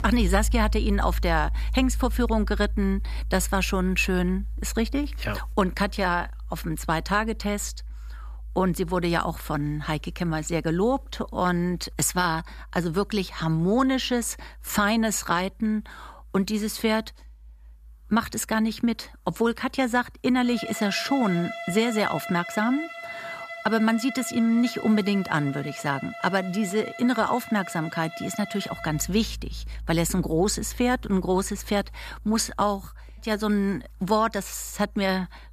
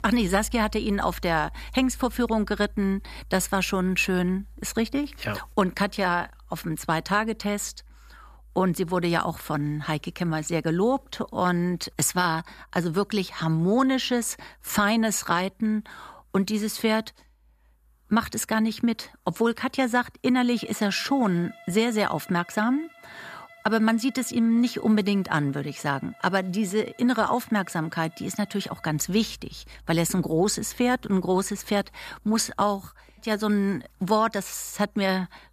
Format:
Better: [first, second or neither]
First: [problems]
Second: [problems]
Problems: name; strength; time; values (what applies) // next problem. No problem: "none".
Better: second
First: background music; loud; throughout; 10 dB below the speech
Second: background music; faint; throughout; 25 dB below the speech